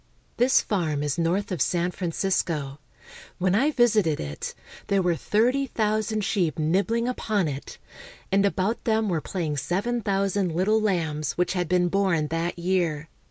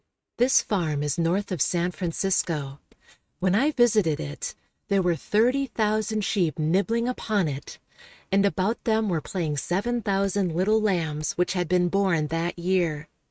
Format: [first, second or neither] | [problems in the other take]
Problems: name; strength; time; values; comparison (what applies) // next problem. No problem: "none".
first | noise reduction (neural mask model RNNoise)